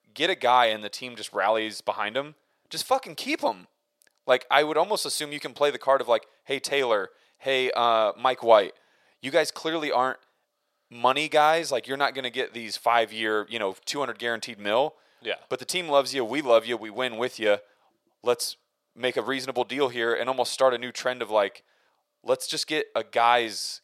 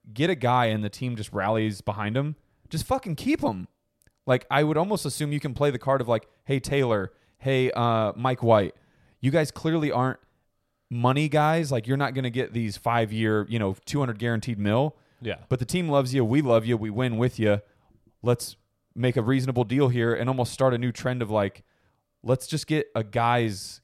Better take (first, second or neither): second